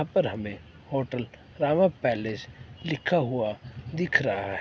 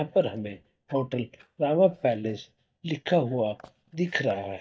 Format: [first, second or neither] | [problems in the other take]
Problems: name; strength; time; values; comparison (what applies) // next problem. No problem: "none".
first | noise reduction (neural mask model DeepFilterNet 3)